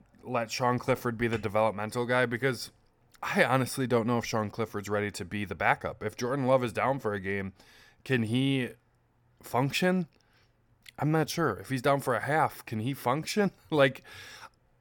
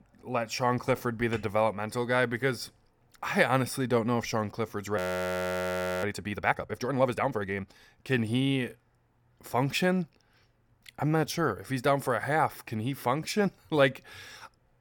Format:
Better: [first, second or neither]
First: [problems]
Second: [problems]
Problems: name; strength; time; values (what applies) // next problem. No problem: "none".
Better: first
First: none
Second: audio freezing; at 5 s for 1 s